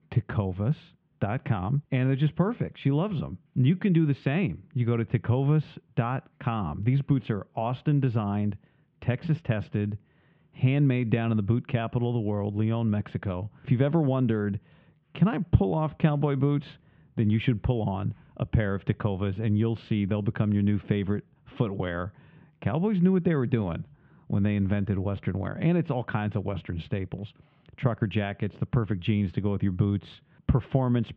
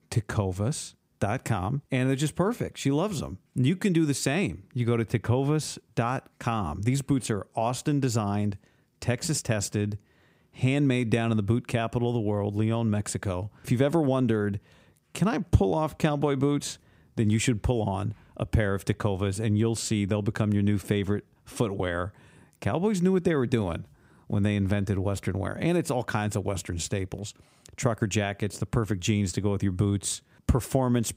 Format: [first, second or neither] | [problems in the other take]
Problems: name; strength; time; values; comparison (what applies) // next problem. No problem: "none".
second | muffled; very; fading above 3 kHz